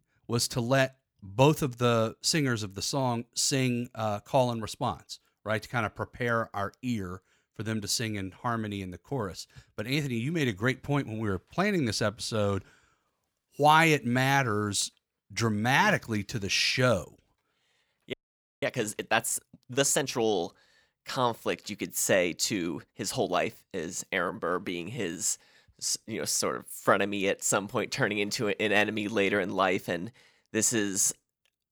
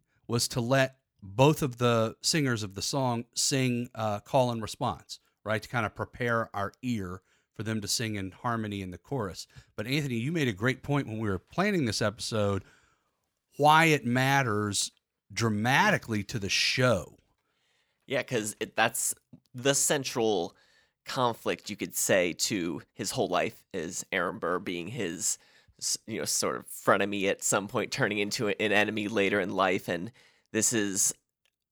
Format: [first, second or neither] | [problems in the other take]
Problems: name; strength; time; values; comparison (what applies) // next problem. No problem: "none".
second | audio freezing; at 18 s